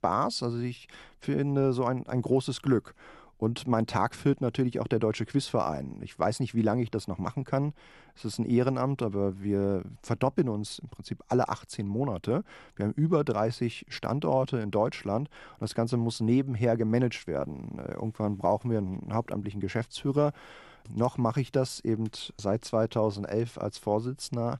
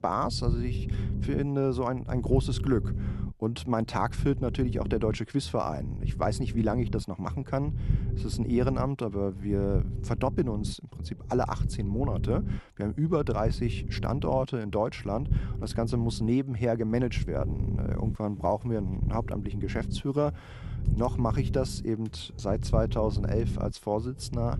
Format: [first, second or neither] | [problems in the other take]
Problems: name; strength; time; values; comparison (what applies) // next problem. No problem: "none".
first | low rumble; noticeable; throughout; 15 dB below the speech